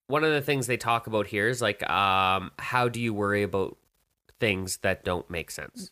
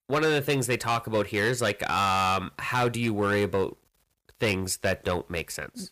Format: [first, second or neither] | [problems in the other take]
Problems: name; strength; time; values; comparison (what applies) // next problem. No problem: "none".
first | distortion; slight; 7% of the sound clipped